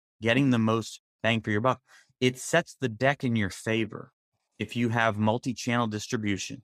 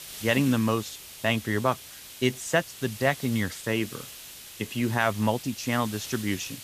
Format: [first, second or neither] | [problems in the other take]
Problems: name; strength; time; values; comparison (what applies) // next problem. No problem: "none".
first | hiss; noticeable; throughout; 15 dB below the speech